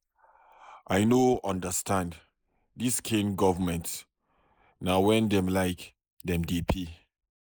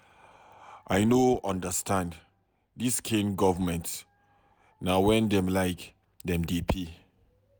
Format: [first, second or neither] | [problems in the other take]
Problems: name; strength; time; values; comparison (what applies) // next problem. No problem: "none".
second | noise reduction (neural mask model Resemble Enhance denoiser)